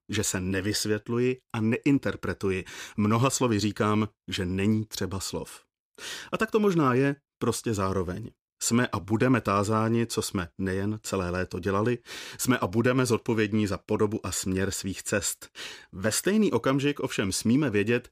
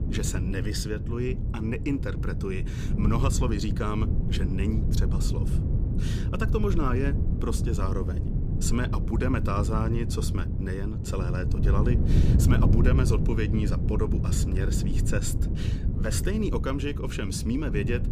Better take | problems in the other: first | wind noise on the microphone; heavy; 5 dB below the speech

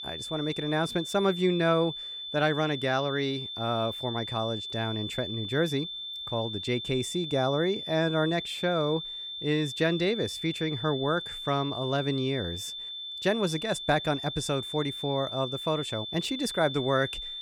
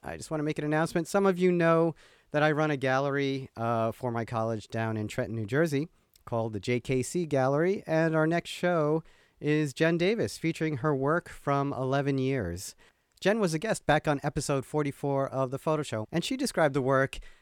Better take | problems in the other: second | high-pitched whine; loud; throughout; 3.5 kHz, 6 dB below the speech

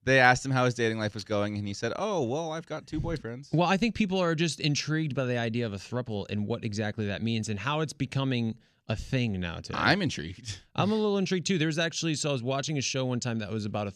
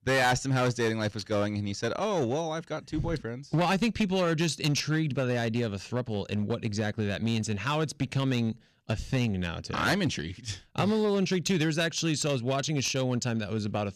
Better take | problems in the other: first | distortion; slight; 7% of the sound clipped

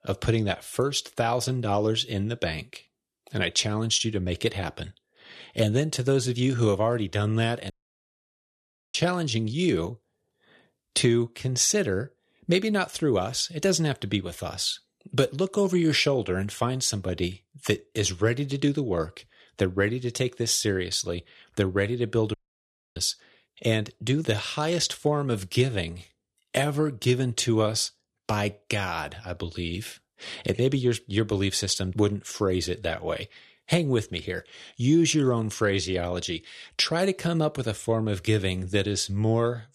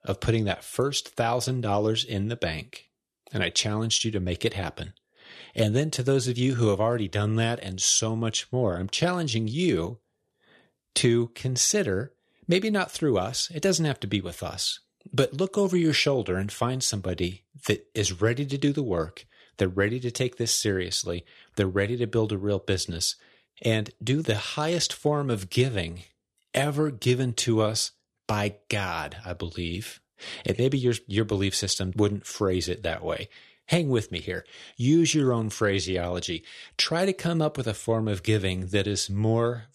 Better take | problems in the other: second | audio cutting out; at 7.5 s for 1 s and at 22 s for 0.5 s

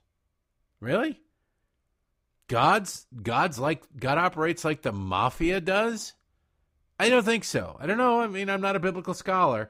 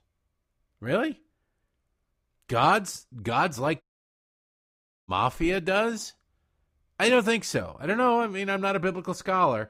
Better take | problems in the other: first | audio cutting out; at 4 s for 1.5 s

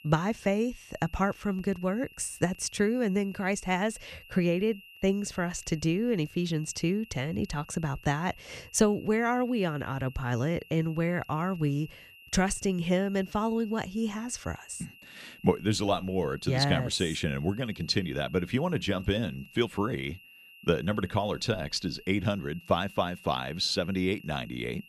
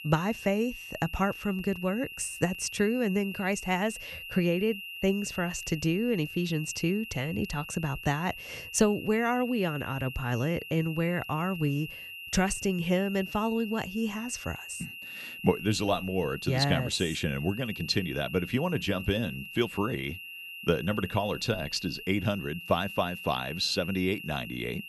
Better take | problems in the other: first | high-pitched whine; loud; throughout; 3 kHz, 10 dB below the speech; faint in the first

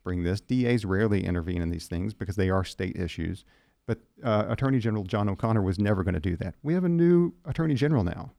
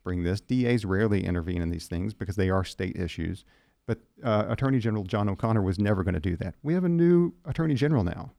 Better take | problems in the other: neither | none

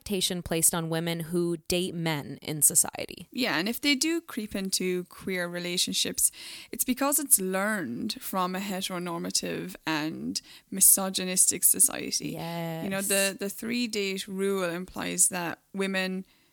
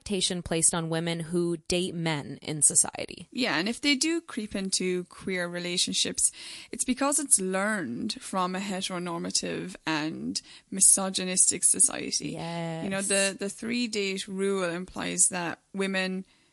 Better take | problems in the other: first | garbled, watery; slightly; nothing above 11 kHz

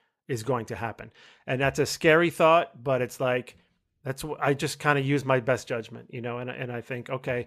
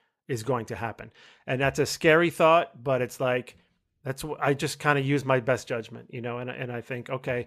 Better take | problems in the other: neither | none

